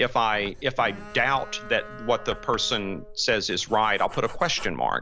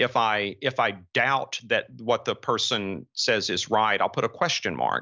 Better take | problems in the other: second | background sound (Bowed string instrument + Writing); 13 dB below the speech

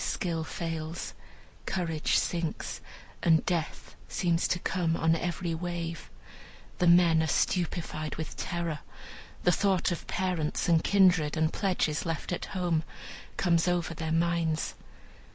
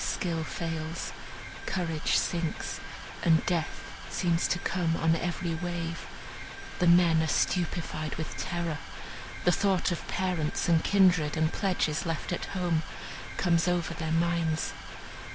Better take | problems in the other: first | background sound (Mechanisms); 12 dB below the speech

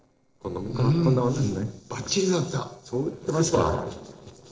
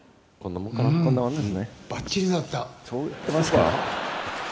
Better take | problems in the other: second | noise reduction (neural separator model SepFormer DNS4)

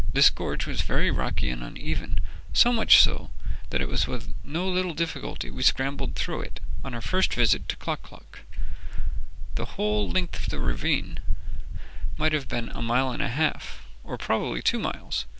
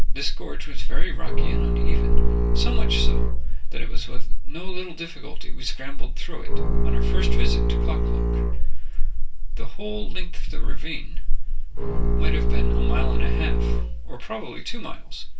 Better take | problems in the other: first | background sound (Bowed string instrument); 7 dB below the speech // room echo; dies away in 0.2 s

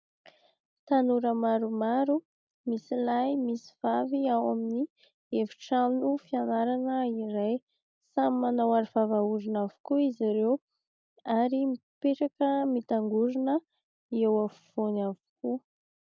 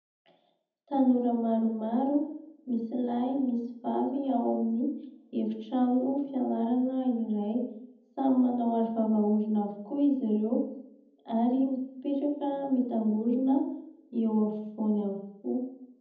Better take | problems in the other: first | room echo; dies away in 0.8 s

